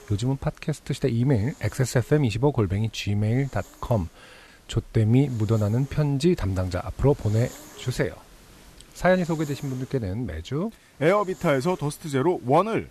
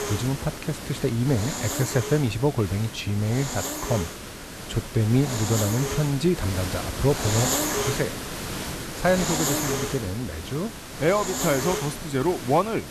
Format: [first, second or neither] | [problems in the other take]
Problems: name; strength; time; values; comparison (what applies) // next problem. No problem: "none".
first | hiss; loud; throughout; 4 dB below the speech; faint in the first